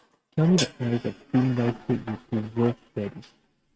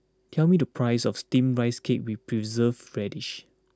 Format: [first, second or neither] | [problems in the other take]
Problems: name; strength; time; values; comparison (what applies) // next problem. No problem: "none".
second | noise reduction (neural mask model RNNoise)